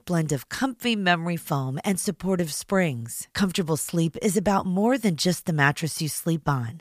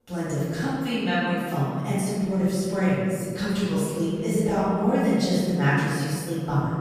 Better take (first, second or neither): first